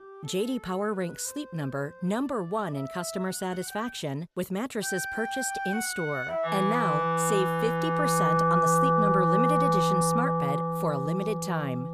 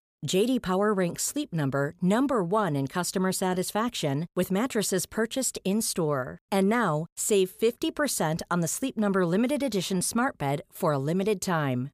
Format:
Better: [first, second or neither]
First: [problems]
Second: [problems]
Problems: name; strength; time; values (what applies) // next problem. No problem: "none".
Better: second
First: background music; very loud; throughout; 5 dB above the speech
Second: none